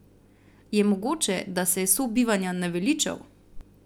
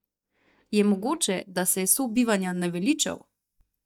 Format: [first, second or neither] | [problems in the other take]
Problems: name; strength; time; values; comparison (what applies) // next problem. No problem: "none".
first | noise reduction (neural mask model DeepFilterNet 3)